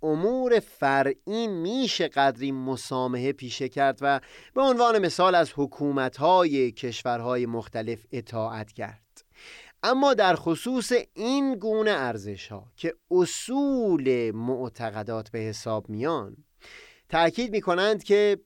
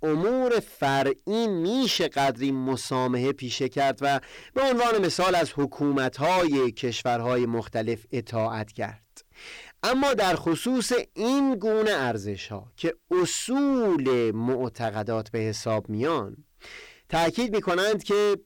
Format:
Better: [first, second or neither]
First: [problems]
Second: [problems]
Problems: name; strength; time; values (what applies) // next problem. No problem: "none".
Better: first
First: none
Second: distortion; heavy; 15% of the sound clipped